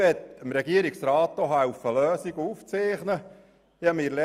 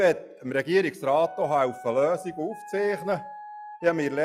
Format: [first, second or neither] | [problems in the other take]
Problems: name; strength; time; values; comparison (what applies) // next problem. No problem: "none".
first | noise reduction (classical method log-MMSE)